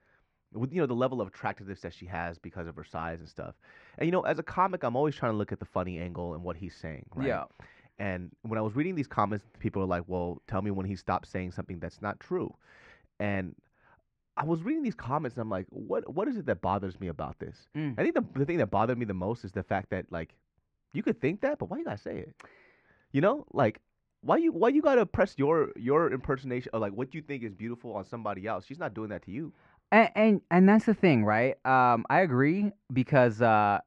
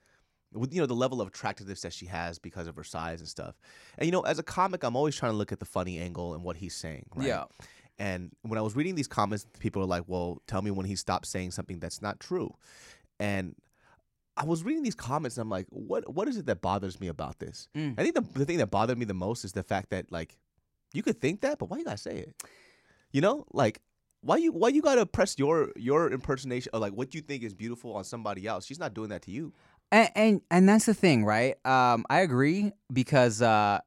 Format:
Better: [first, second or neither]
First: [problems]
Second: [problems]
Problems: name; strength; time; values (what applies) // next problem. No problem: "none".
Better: second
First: muffled; very; fading above 2 kHz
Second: none